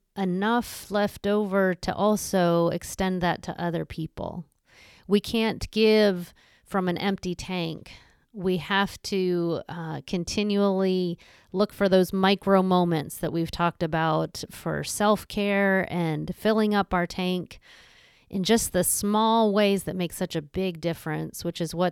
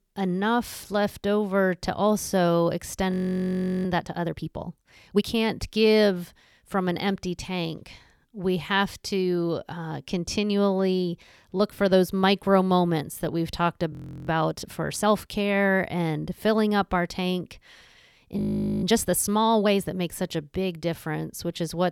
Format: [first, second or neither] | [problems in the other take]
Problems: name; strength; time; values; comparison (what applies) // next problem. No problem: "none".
first | audio freezing; at 3 s for 0.5 s, at 14 s and at 18 s